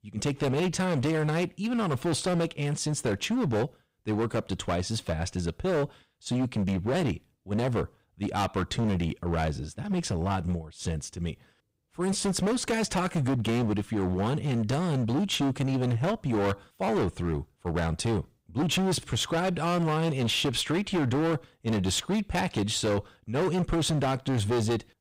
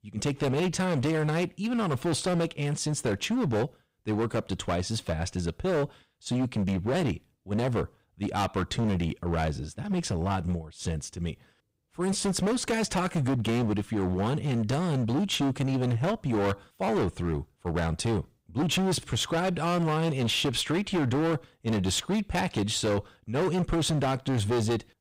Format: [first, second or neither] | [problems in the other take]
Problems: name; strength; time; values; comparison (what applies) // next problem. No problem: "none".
neither | distortion; heavy; 20% of the sound clipped; the same in both